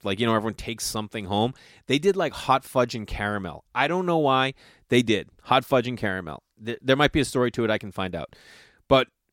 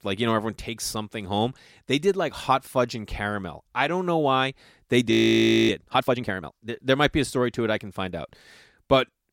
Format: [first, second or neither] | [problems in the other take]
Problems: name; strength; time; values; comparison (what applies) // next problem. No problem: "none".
first | audio freezing; at 5 s for 0.5 s